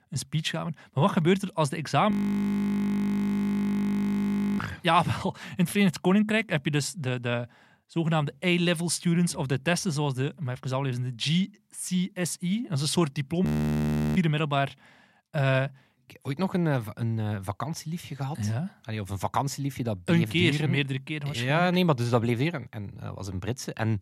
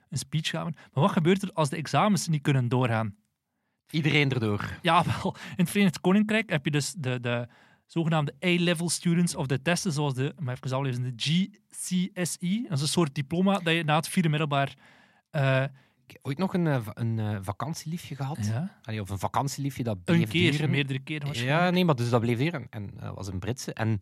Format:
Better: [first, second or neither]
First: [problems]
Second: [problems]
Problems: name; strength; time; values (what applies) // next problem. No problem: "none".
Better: second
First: audio freezing; at 2 s for 2.5 s and at 13 s for 0.5 s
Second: none